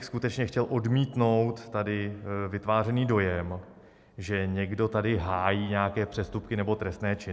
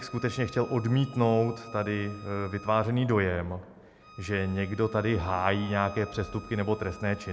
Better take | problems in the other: first | background sound (Bowed string instrument); 20 dB below the speech

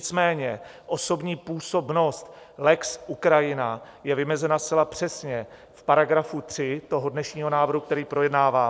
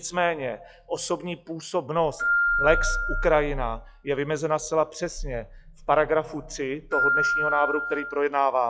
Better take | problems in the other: first | noise reduction (classical method log-MMSE)

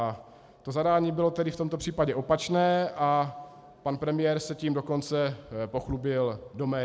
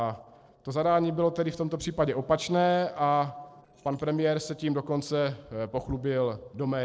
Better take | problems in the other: first | noise reduction (neural separator model SepFormer DNS4)

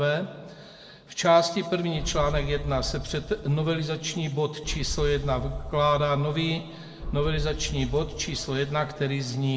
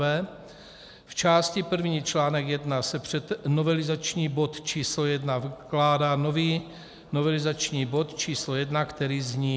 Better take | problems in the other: second | background sound (Boom); 8 dB below the speech // room echo; dies away in 1.4 s

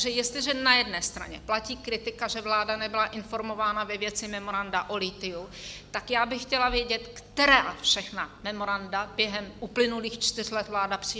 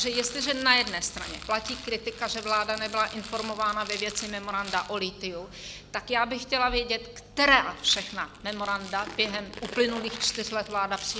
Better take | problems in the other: first | background sound (Rattle); 14 dB below the speech

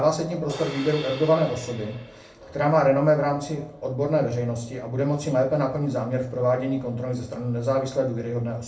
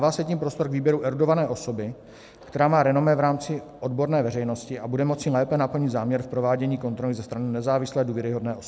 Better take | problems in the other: second | background sound (Crash cymbal); 14 dB below the speech // room echo; dies away in 0.3 s

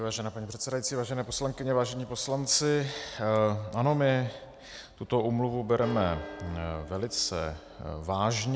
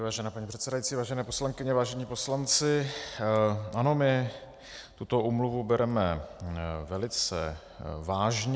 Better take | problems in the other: second | background sound (Church bell); 19 dB below the speech

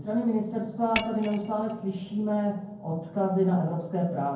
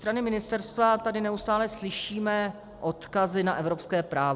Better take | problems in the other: second | background sound (Shatter); 10 dB below the speech // room echo; dies away in 0.9 s

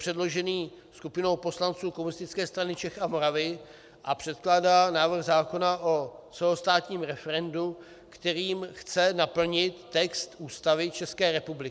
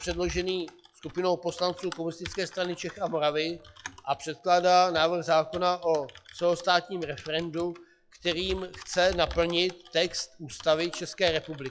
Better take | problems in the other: first | noise reduction (classical method log-MMSE)

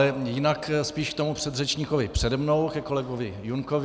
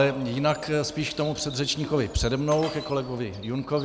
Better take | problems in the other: first | background sound (Dishes, pots, and pans + Bird vocalization, bird call, bird song); 18 dB below the speech

